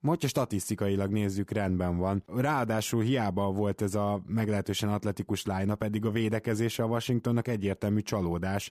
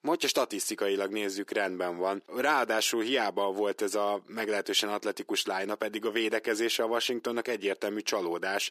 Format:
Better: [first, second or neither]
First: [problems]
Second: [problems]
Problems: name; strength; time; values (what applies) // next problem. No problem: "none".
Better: first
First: none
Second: thin; very; fading below 350 Hz